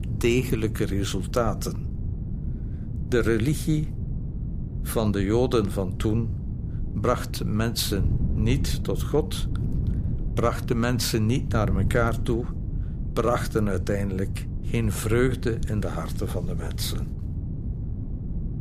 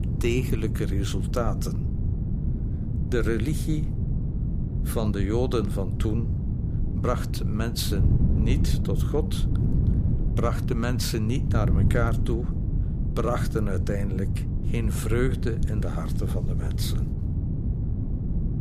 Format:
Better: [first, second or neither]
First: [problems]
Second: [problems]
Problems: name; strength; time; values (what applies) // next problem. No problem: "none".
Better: first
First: wind noise on the microphone; occasional gusts; 15 dB below the speech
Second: wind noise on the microphone; heavy; 7 dB below the speech